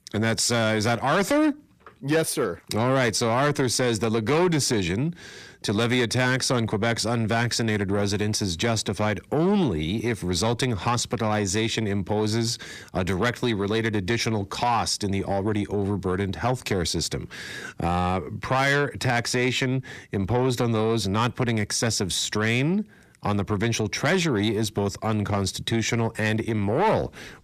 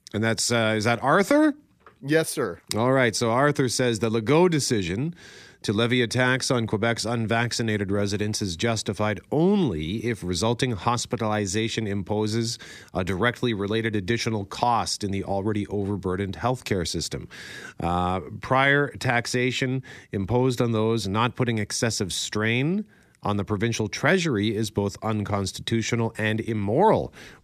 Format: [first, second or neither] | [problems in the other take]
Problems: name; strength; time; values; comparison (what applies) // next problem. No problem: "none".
second | distortion; slight; 10 dB below the speech